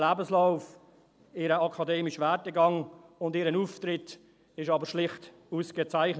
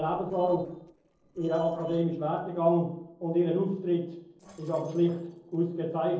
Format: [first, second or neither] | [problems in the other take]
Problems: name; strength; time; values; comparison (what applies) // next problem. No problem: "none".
first | noise reduction (neural separator model SepFormer DNS4)